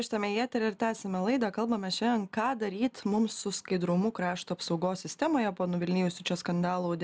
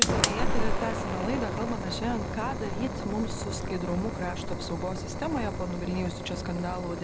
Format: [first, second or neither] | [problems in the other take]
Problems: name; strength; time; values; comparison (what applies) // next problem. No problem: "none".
first | background sound (Fire); 3 dB above the speech